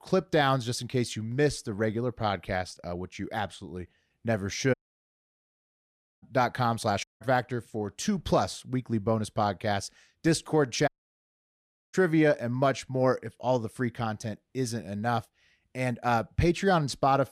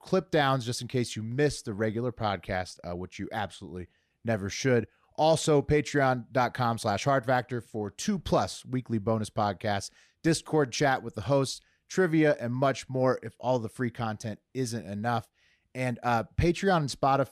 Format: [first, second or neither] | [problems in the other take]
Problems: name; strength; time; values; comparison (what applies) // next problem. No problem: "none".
second | audio cutting out; at 4.5 s for 1.5 s, at 7 s and at 11 s for 1 s